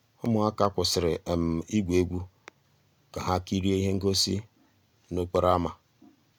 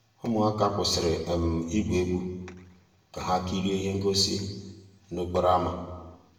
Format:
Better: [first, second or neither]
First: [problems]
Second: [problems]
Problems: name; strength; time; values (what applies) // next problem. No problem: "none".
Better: first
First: none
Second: room echo; dies away in 1 s